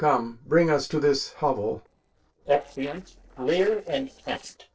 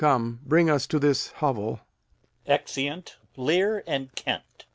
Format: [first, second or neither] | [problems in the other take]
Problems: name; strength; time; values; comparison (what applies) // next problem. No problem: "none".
second | noise reduction (neural separator model SepFormer DNS4)